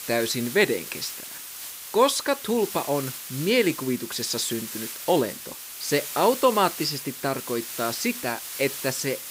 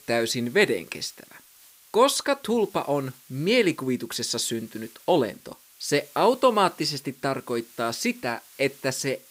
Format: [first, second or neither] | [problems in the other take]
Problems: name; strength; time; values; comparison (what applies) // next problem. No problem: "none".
second | hiss; loud; throughout; 8 dB below the speech; faint in the second